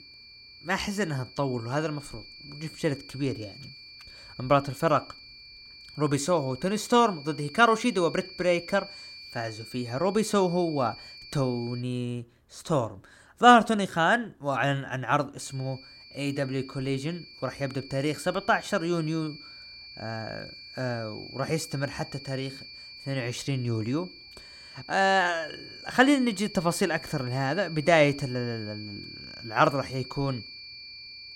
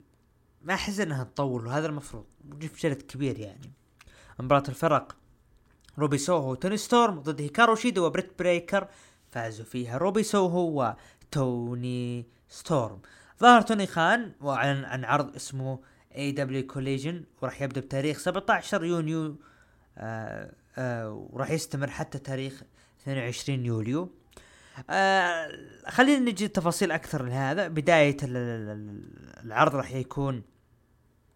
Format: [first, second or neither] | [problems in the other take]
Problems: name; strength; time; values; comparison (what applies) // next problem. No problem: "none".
second | high-pitched whine; noticeable; until 12 s and from 15 s on; 4.5 kHz, 15 dB below the speech